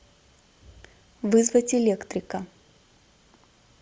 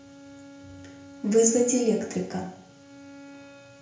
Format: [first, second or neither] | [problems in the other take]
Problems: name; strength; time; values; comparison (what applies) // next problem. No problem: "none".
first | background sound (Bowed string instrument); 18 dB below the speech // room echo; dies away in 0.5 s